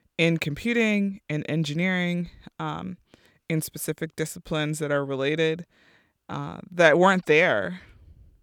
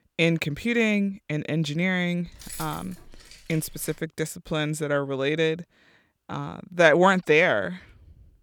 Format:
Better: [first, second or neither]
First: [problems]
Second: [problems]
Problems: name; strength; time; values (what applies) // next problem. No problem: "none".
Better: first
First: none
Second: jangling keys; faint; from 2.5 to 4 s; peak 15 dB below the speech